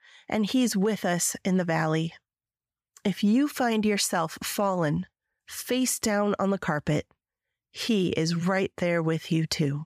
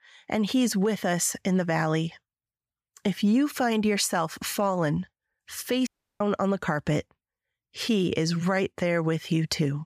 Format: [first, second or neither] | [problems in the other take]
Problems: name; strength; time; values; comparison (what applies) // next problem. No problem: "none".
first | audio cutting out; at 6 s